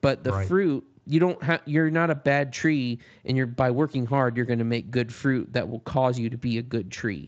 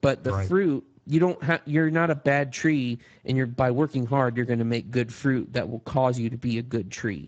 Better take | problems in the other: first | garbled, watery; badly; nothing above 7.5 kHz; slightly in the first

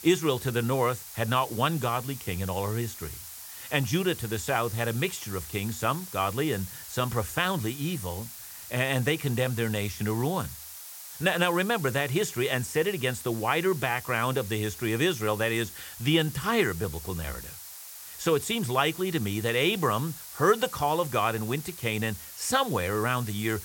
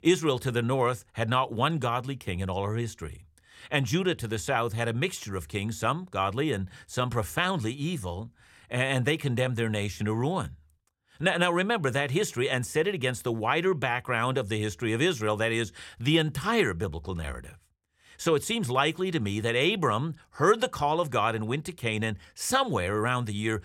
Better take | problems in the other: second | hiss; noticeable; throughout; 10 dB below the speech

